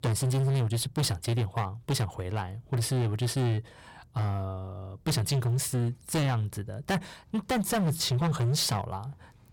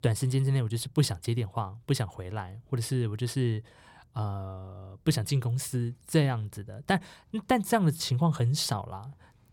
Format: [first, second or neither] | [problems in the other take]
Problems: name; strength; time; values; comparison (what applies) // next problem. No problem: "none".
second | distortion; heavy; 20% of the sound clipped